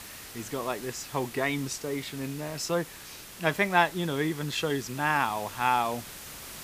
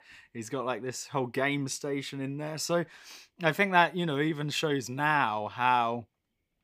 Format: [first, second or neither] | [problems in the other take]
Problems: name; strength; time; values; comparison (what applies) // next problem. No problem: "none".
second | hiss; noticeable; throughout; 15 dB below the speech